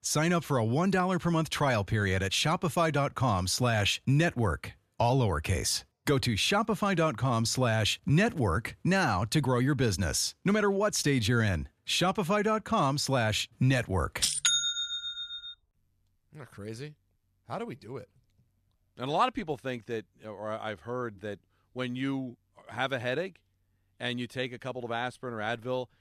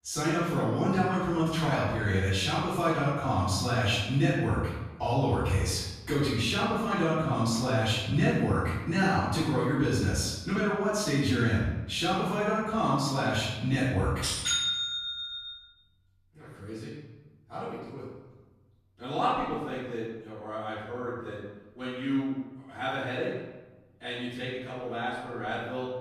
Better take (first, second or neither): first